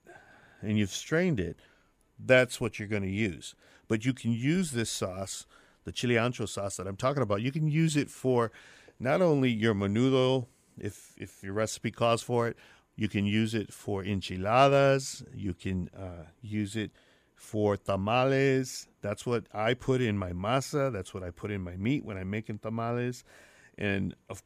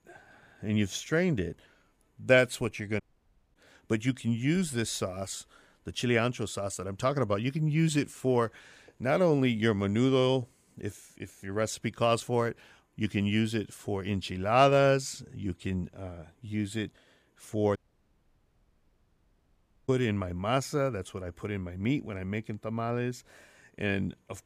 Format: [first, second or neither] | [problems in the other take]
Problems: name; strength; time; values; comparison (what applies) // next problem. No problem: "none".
first | audio cutting out; at 3 s for 0.5 s and at 18 s for 2 s